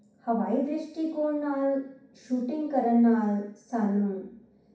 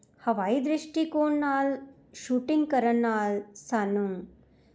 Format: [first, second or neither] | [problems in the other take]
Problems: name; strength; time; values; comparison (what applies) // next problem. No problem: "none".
second | room echo; dies away in 0.6 s